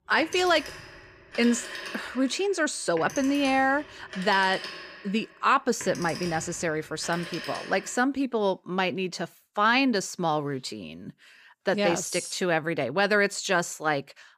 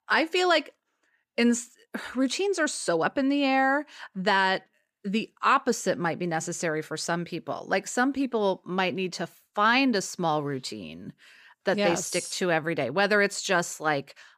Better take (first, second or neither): second